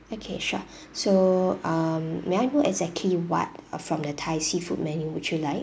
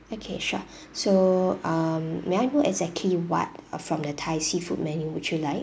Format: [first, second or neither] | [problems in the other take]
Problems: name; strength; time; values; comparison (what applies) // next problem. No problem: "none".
second | background sound (Tap); 17 dB below the speech